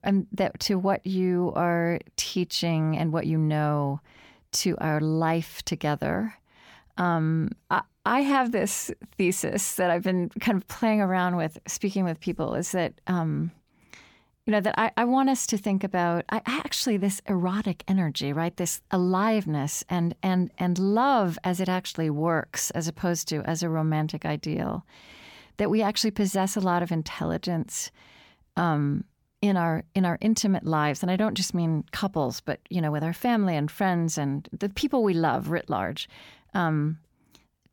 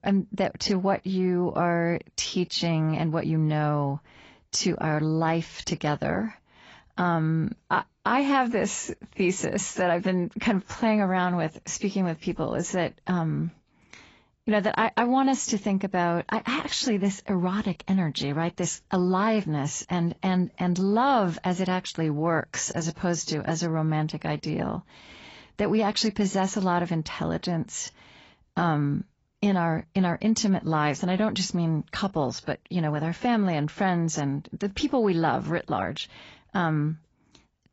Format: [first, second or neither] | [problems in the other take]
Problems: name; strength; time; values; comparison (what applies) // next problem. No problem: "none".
first | garbled, watery; badly; nothing above 7.5 kHz